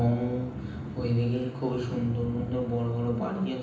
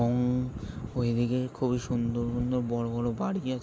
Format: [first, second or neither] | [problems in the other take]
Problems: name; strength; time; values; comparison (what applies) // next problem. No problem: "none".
second | background sound (Traffic noise, roadway noise); 17 dB below the speech // room echo; dies away in 0.9 s